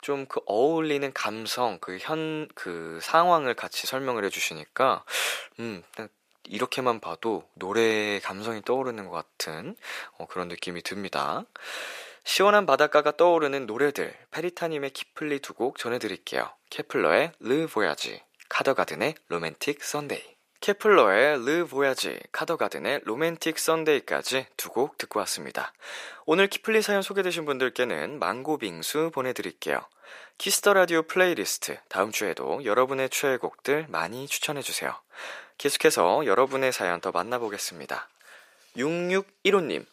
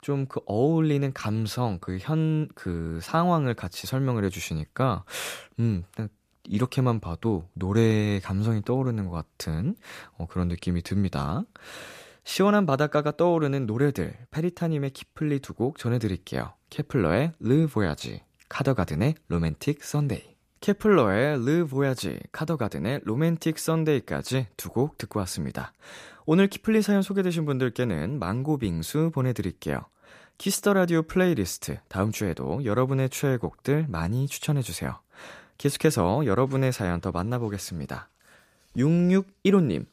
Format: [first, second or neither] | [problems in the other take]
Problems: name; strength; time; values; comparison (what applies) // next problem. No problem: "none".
second | thin; very; fading below 500 Hz